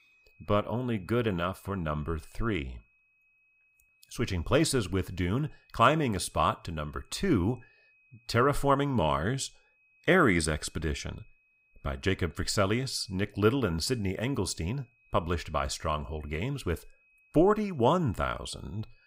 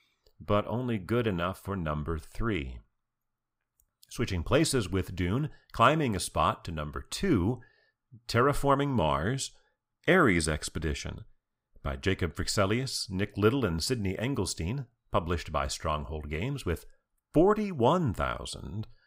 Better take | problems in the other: second | high-pitched whine; faint; throughout; 2.5 kHz, 35 dB below the speech

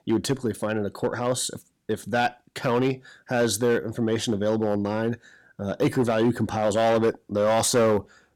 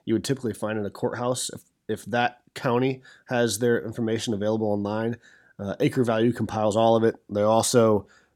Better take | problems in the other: second | distortion; slight; 5% of the sound clipped

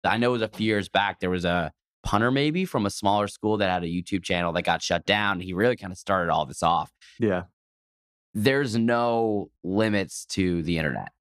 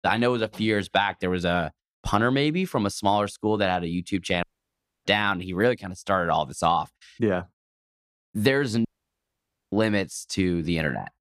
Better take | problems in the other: first | audio cutting out; at 4.5 s for 0.5 s and at 9 s for 1 s

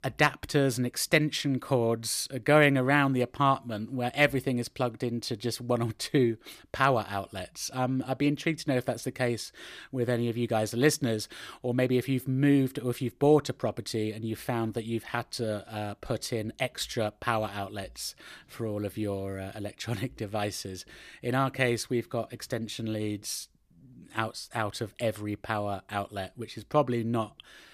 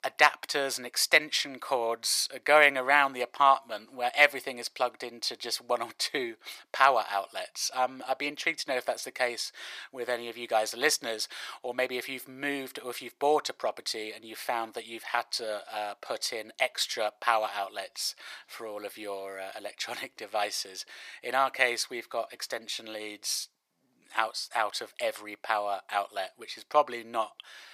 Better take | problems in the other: first | thin; very; fading below 750 Hz

